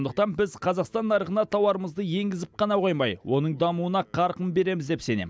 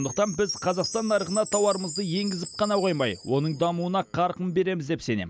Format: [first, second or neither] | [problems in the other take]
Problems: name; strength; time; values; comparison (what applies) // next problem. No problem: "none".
first | background sound (Chime); 12 dB below the speech